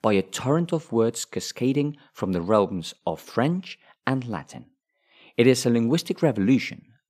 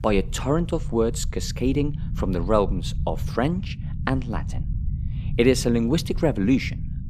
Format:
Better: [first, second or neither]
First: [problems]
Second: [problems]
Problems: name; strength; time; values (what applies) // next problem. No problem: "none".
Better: first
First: none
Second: low rumble; noticeable; throughout; 20 dB below the speech